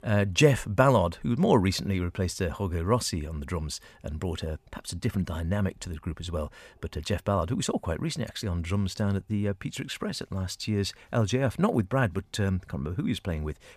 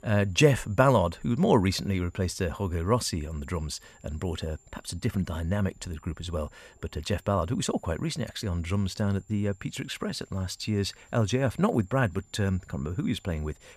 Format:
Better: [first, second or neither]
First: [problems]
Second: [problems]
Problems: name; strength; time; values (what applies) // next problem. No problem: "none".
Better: first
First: none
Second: high-pitched whine; faint; throughout; 7.5 kHz, 30 dB below the speech